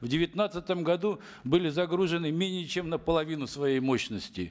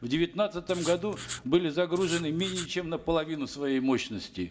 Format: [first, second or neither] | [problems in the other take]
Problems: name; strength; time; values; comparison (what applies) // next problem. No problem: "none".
first | background sound (Writing); 12 dB below the speech // room echo; dies away in 2.2 s